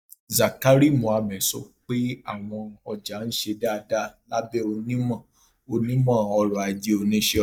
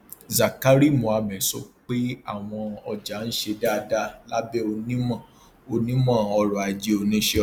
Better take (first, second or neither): second